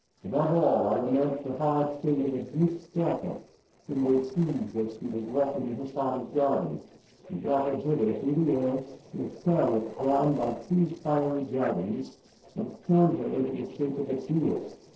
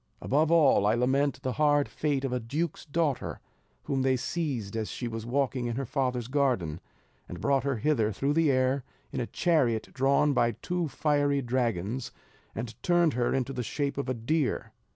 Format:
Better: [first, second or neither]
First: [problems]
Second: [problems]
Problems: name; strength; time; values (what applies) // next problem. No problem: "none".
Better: second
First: noise reduction (neural separator model SepFormer DNS4)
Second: none